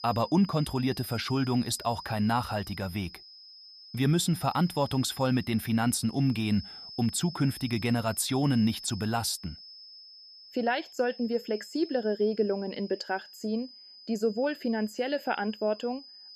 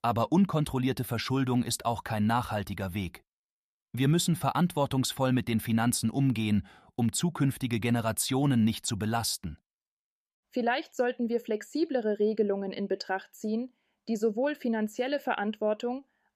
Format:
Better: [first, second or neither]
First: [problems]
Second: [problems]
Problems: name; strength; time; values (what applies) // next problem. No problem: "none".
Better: second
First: high-pitched whine; noticeable; throughout; 5 kHz, 15 dB below the speech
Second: none